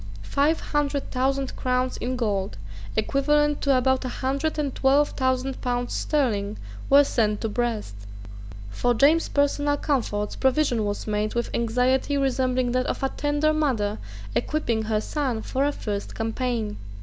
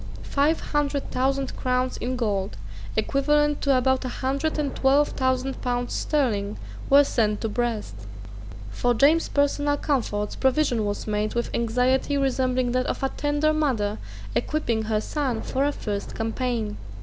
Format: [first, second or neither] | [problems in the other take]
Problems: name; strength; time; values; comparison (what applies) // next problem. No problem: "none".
first | background sound (Thunder); 18 dB below the speech